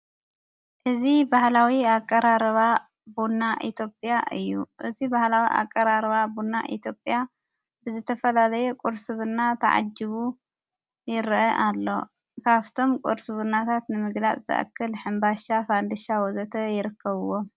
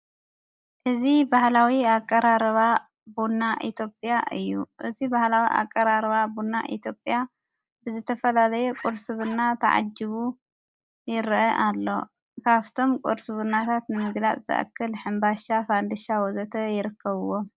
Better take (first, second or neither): first